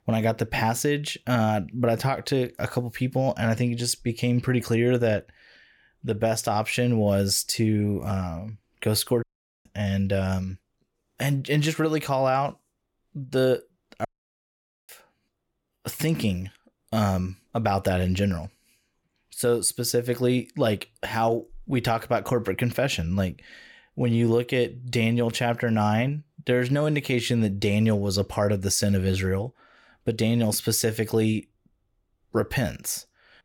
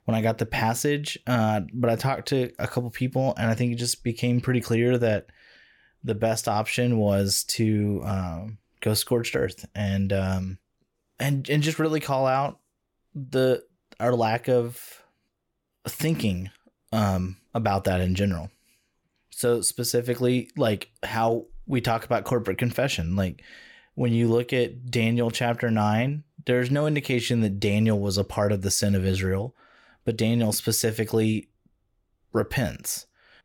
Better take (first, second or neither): second